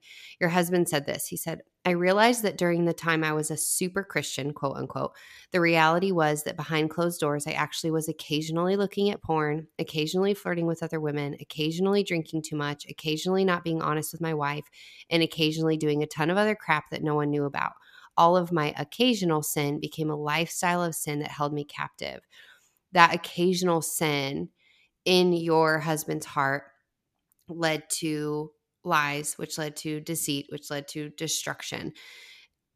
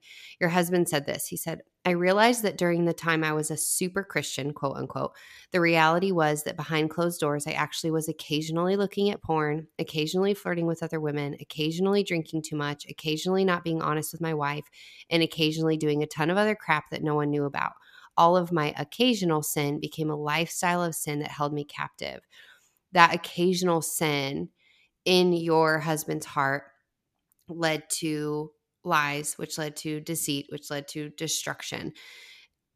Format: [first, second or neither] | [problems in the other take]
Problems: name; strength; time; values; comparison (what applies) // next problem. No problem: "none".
neither | none